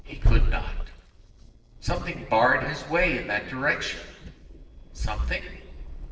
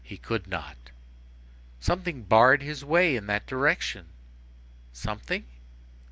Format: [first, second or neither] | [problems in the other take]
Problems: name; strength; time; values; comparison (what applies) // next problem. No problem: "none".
second | noise reduction (neural separator model SepFormer DNS4)